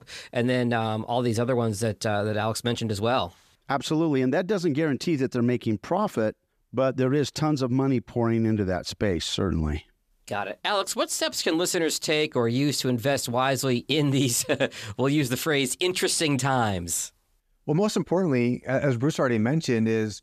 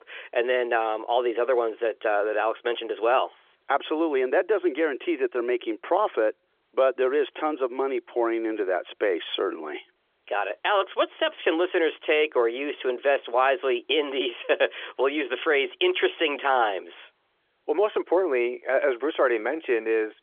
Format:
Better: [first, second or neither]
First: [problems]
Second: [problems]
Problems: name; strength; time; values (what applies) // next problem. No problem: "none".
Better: first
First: none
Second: phone-call audio; nothing above 3.5 kHz